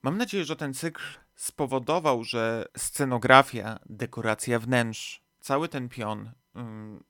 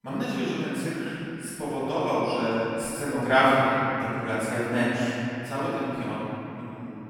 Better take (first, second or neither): first